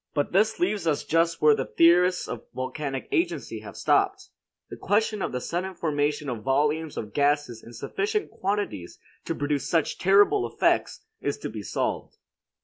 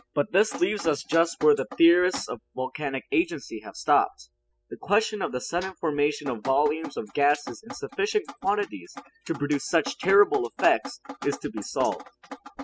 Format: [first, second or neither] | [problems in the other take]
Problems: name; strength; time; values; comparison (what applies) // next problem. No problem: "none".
first | noise reduction (classical method spectral subtraction)